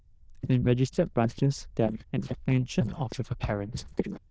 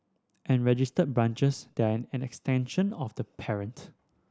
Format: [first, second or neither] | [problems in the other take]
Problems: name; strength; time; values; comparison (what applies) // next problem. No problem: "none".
second | noise reduction (neural diffusion model UNIVERSE++)